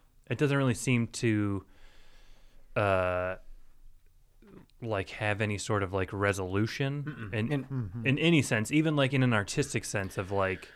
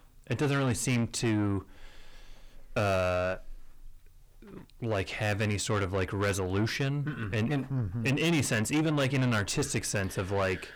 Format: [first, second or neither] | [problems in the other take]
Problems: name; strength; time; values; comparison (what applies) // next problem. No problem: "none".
first | distortion; heavy; 8 dB below the speech